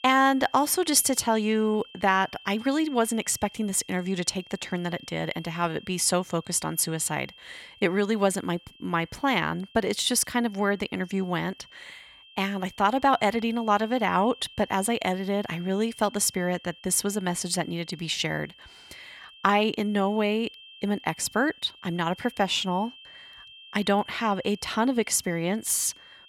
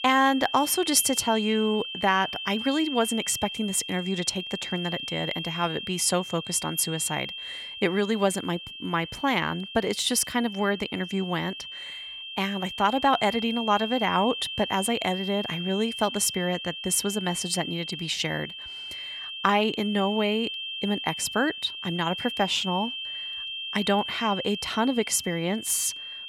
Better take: first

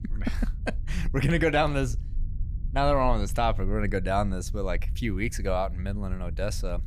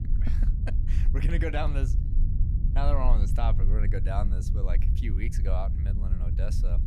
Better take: first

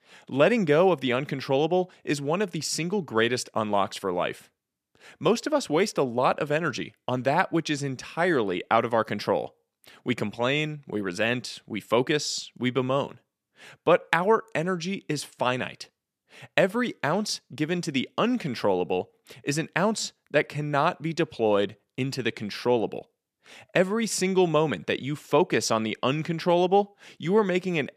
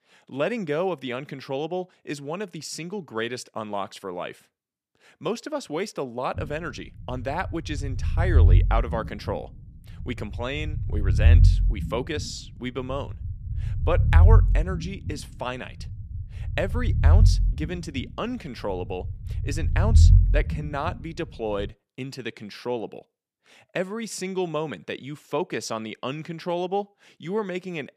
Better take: first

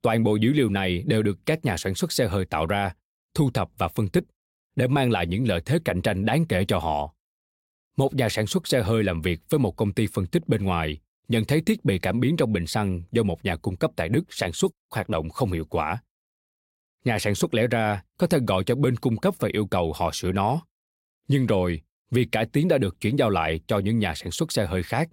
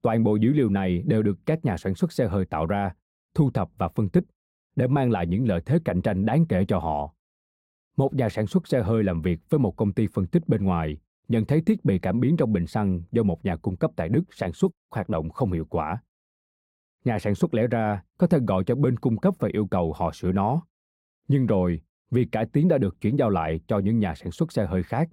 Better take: first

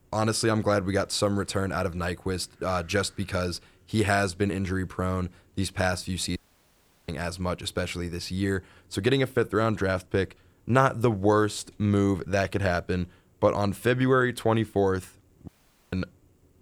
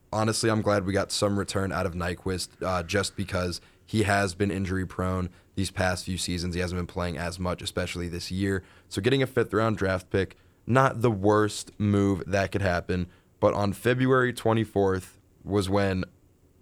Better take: second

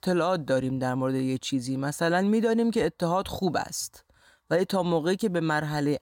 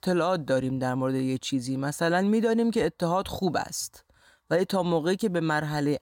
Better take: neither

